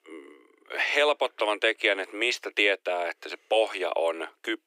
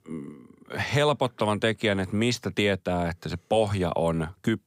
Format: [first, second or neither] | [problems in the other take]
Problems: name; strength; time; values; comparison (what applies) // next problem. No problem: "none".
second | thin; very; fading below 300 Hz